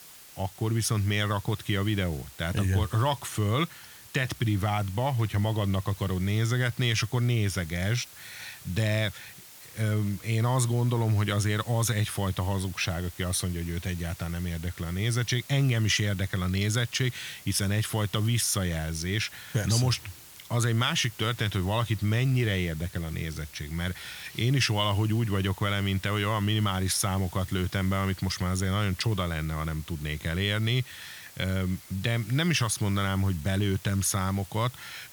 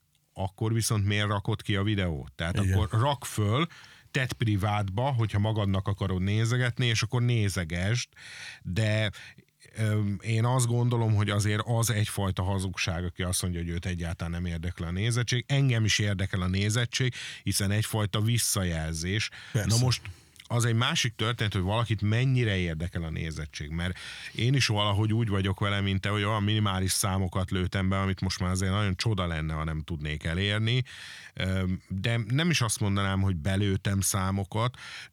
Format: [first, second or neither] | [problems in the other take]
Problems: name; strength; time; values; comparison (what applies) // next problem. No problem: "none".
second | hiss; noticeable; throughout; 20 dB below the speech